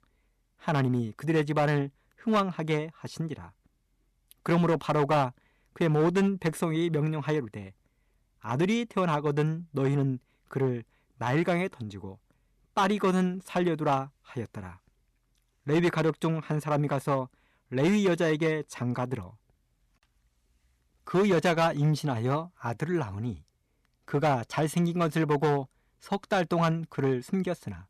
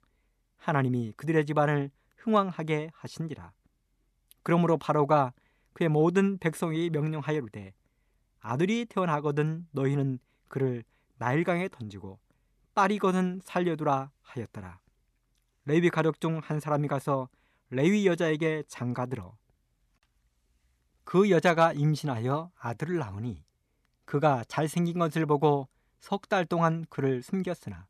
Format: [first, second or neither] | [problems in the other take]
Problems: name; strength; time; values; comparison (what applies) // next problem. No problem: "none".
second | distortion; slight; 4% of the sound clipped